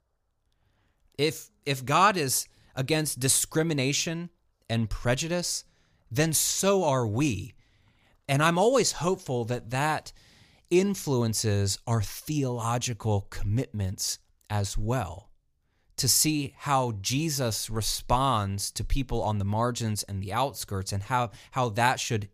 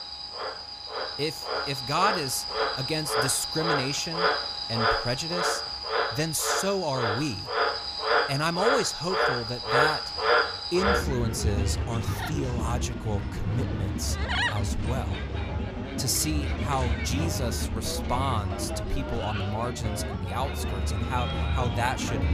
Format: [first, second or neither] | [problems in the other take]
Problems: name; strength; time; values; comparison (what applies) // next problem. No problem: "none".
first | animal sounds; very loud; throughout; 2 dB above the speech